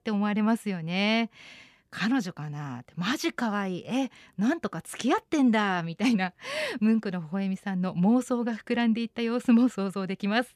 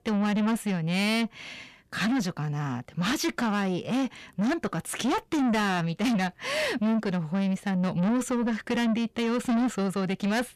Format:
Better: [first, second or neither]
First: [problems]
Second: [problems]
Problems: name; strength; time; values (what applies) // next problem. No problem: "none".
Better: first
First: none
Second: distortion; heavy; 8 dB below the speech